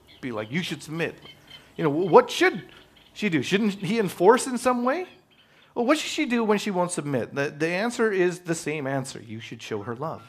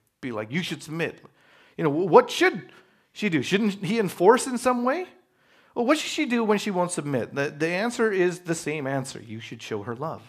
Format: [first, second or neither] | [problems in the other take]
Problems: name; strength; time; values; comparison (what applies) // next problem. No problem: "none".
second | animal sounds; faint; throughout; 25 dB below the speech